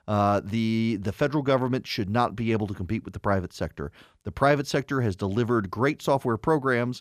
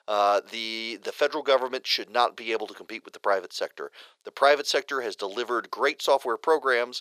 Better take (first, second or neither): first